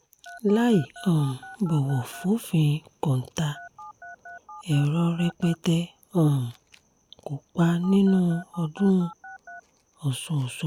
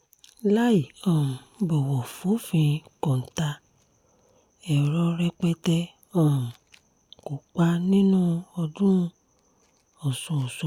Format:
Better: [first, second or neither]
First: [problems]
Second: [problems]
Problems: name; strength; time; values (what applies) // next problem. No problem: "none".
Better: second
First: background sound (Telephone); 18 dB below the speech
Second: none